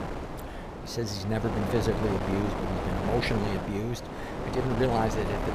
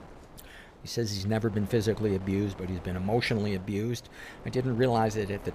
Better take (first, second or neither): second